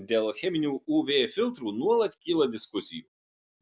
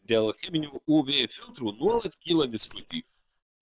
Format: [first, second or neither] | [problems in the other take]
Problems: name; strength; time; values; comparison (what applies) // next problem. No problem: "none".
first | noise reduction (neural separator model SepFormer WHAM!)